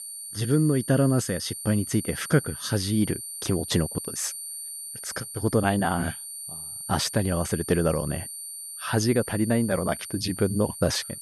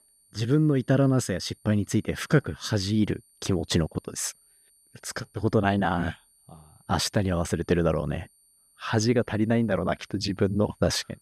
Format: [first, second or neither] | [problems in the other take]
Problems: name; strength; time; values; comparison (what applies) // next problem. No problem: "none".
second | high-pitched whine; loud; throughout; 9 kHz, 9 dB below the speech; faint in the second